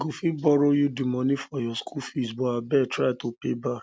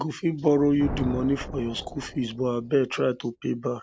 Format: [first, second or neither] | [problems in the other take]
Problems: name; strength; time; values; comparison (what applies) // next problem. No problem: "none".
first | background sound (Thunder); 13 dB below the speech